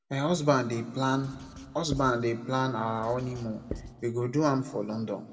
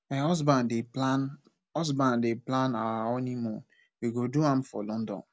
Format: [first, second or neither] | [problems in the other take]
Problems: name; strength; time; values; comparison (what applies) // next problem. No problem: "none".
second | background sound (Writing); 15 dB below the speech // room echo; dies away in 1.6 s